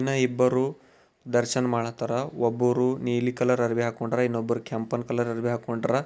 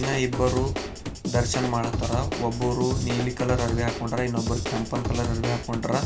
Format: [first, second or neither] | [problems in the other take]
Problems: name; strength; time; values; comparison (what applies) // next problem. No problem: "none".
first | background sound (Drum / Drum kit); 2 dB below the speech // room echo; dies away in 0.2 s